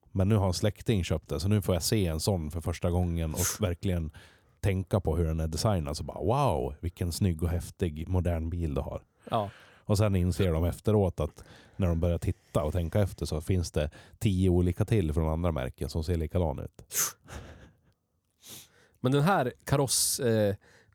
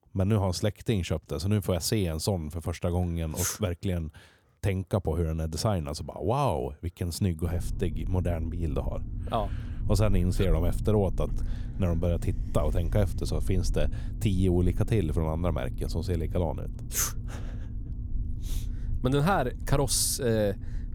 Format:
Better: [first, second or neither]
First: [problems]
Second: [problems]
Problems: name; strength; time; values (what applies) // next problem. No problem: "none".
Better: first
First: none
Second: low rumble; noticeable; from 7.5 s on; 20 dB below the speech